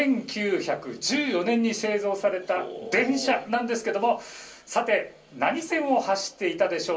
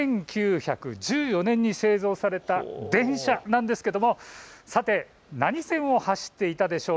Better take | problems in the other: second | room echo; dies away in 0.3 s

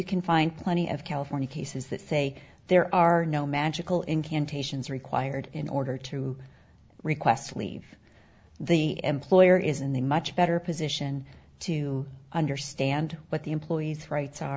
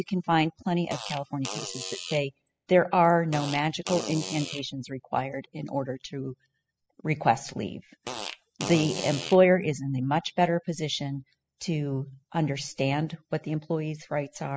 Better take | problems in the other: first | noise reduction (classical method spectral subtraction)

